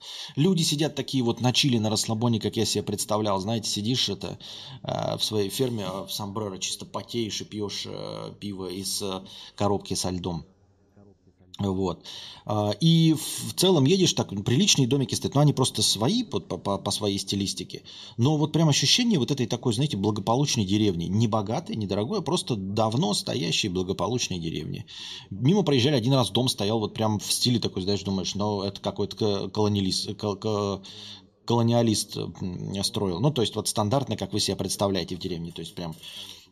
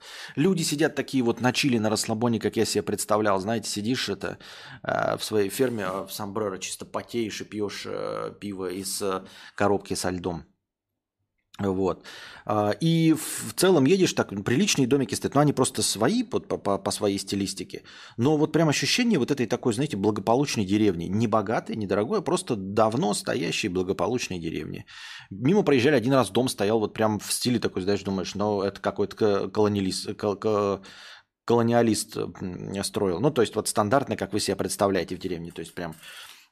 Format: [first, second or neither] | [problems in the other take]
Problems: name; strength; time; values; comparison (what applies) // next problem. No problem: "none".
second | room echo; slight; dies away in 3 s